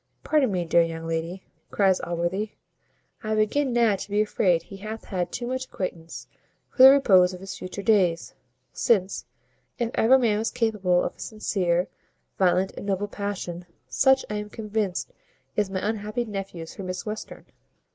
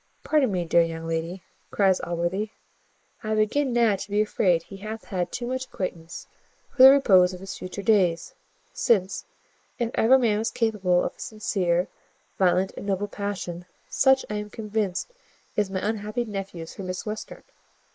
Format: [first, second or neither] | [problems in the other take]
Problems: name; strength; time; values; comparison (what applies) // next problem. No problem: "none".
first | noise reduction (neural mask model Resemble Enhance denoiser)